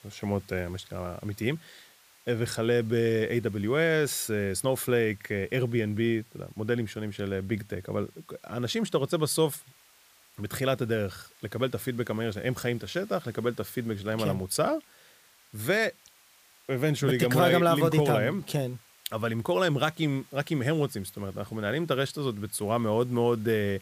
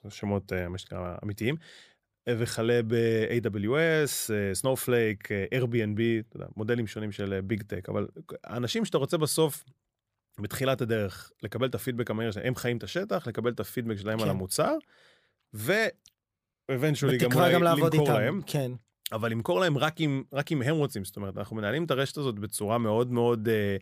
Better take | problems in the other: second | hiss; faint; throughout; 25 dB below the speech

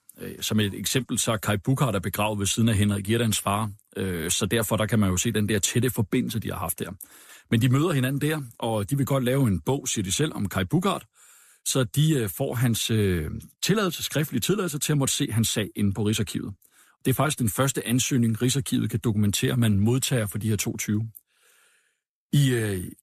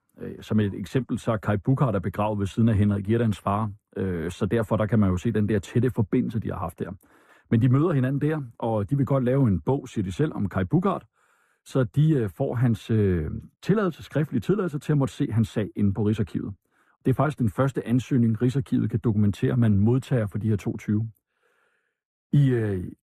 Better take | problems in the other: first | muffled; very; fading above 2.5 kHz

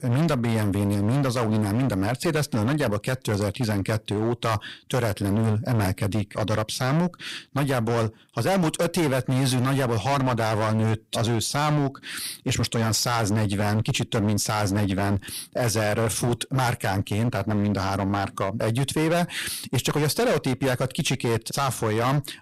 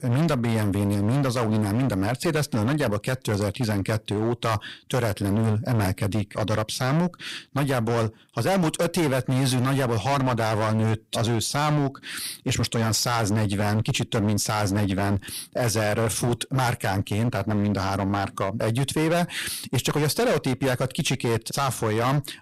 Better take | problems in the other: neither | distortion; heavy; 19% of the sound clipped; the same in both

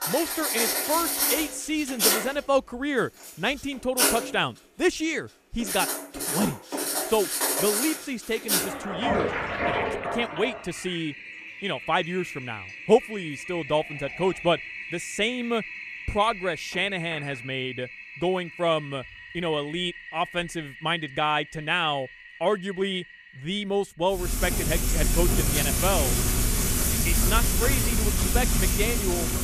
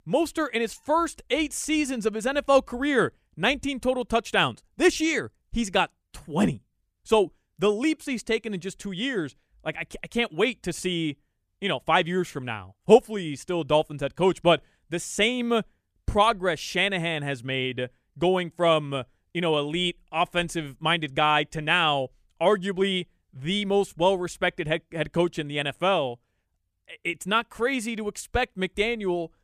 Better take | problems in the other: second | household noises; very loud; throughout; 1 dB above the speech

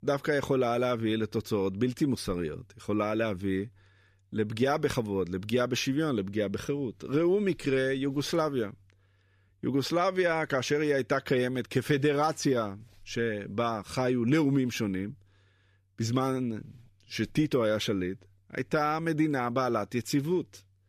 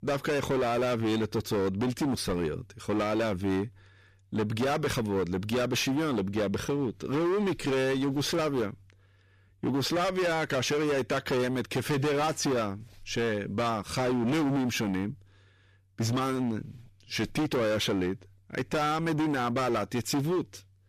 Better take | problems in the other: first | distortion; heavy; 23% of the sound clipped

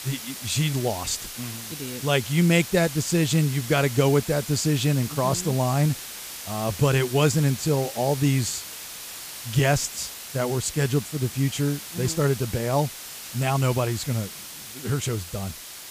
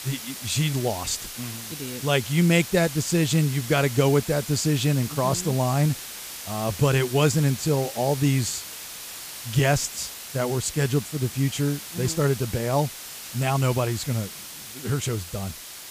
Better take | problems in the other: neither | hiss; noticeable; throughout; 10 dB below the speech; the same in both

